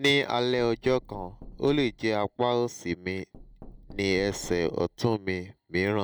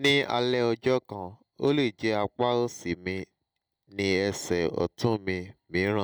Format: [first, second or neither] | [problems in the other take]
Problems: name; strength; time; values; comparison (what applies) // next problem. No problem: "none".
second | background sound (Knock); 20 dB below the speech